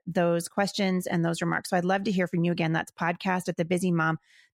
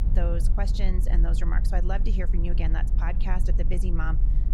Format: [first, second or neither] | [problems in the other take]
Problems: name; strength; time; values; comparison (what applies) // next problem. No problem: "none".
first | low rumble; loud; throughout; 9 dB below the speech